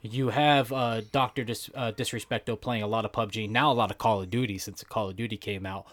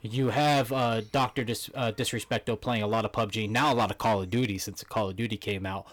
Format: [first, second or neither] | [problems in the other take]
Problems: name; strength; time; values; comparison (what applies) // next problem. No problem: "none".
first | distortion; slight; 9% of the sound clipped